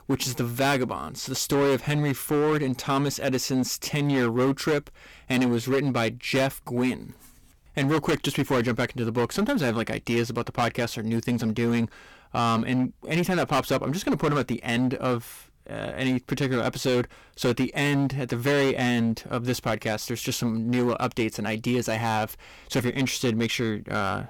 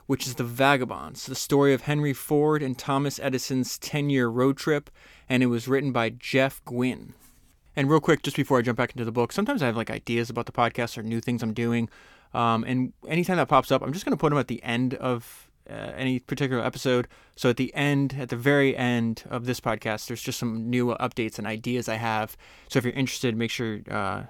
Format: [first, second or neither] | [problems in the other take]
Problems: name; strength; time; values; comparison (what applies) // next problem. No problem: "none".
second | distortion; heavy; 11% of the sound clipped